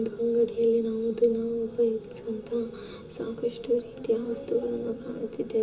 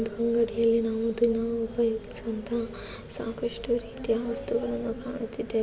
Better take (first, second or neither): second